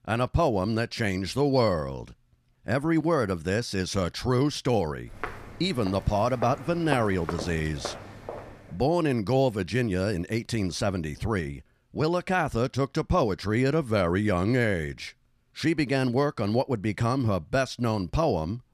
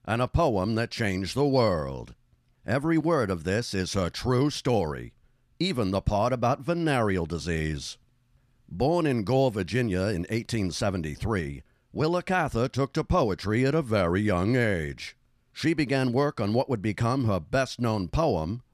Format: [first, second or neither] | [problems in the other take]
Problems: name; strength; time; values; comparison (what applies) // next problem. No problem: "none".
second | footsteps; noticeable; from 5 to 8.5 s; peak 7 dB below the speech